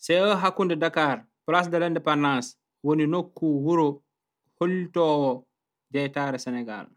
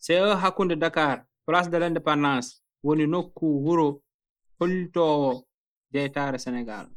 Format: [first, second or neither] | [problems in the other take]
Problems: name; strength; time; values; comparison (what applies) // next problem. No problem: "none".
first | noise reduction (neural mask model Resemble Enhance denoiser)